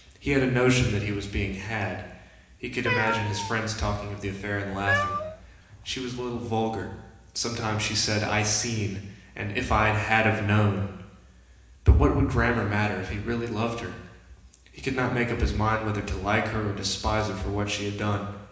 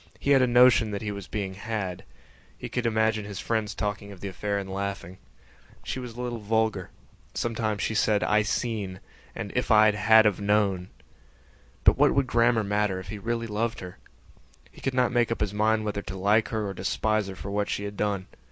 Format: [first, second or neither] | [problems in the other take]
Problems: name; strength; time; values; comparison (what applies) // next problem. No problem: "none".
second | background sound (Cat); 6 dB below the speech // room echo; dies away in 1 s